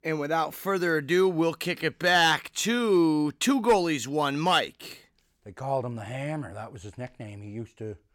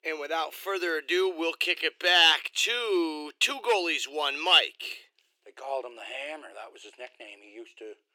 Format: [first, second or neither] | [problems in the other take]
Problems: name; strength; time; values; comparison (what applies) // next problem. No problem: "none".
first | thin; very; fading below 350 Hz